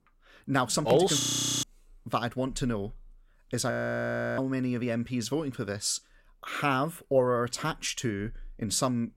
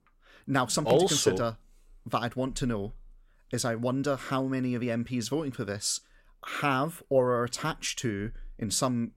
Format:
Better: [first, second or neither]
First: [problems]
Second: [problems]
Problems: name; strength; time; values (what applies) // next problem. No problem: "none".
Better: second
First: audio freezing; at 1 s and at 3.5 s for 0.5 s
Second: none